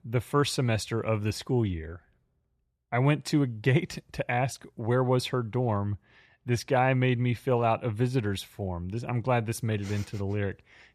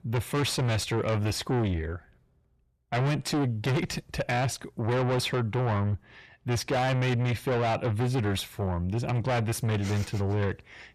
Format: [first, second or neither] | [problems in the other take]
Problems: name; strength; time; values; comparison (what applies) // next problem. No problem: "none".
first | distortion; heavy; 6 dB below the speech